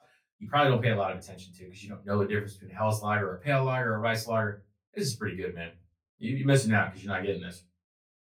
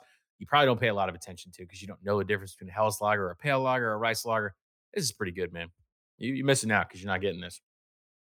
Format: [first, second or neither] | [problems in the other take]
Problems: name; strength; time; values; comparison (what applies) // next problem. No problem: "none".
second | off-mic speech; far // room echo; very slight; dies away in 0.2 s